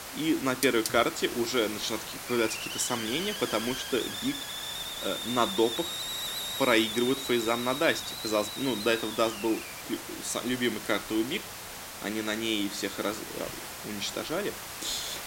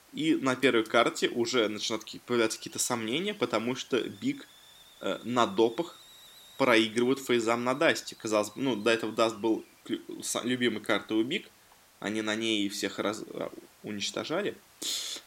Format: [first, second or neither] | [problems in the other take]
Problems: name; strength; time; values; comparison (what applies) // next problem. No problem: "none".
second | hiss; loud; throughout; 5 dB below the speech; faint in the second